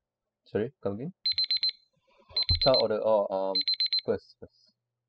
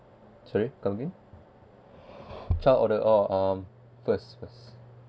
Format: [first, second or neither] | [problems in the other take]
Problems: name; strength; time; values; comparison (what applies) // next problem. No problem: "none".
second | noise reduction (classical method spectral subtraction)